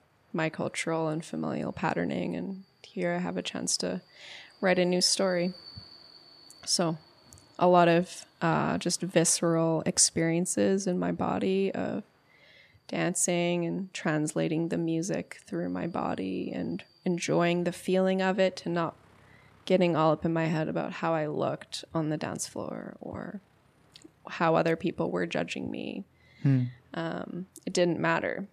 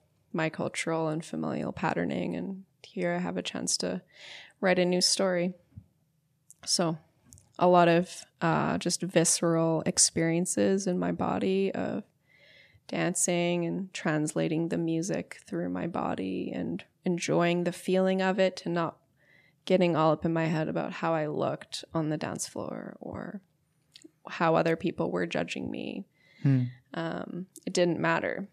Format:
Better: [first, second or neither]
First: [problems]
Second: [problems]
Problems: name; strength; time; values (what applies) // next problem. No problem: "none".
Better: second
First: train or aircraft noise; faint; throughout; 30 dB below the speech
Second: none